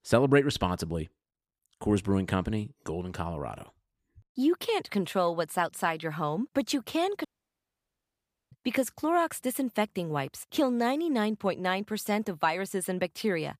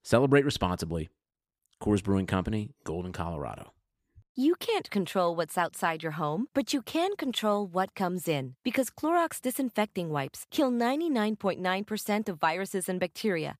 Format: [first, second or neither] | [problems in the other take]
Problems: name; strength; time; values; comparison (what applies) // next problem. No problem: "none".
second | audio cutting out; at 7.5 s for 1.5 s